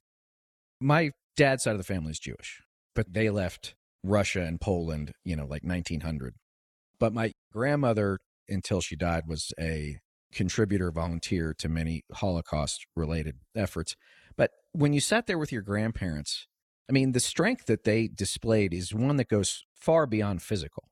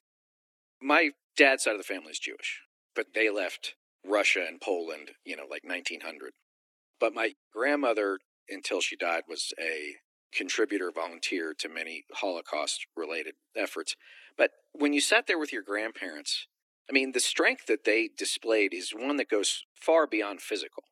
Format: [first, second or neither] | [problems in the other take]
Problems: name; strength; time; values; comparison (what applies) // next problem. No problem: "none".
first | thin; somewhat; fading below 300 Hz